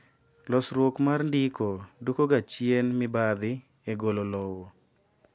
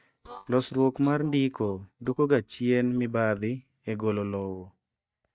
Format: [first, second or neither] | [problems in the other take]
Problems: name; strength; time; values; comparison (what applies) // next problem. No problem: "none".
first | noise reduction (neural mask model DeepFilterNet 3)